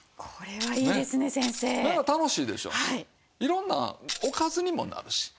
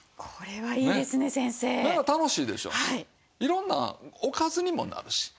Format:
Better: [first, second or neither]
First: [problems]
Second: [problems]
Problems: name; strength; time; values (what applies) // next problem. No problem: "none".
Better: second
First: background sound (Tambourine); 9 dB below the speech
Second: none